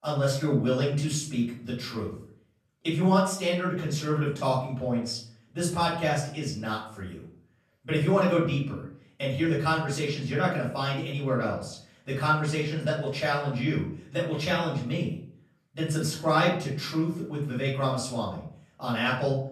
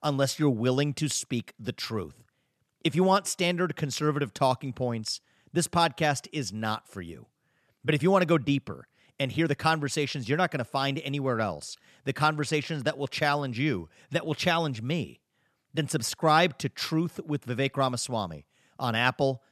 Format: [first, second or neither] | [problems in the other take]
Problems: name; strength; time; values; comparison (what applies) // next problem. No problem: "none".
second | off-mic speech; far // room echo; noticeable; dies away in 0.5 s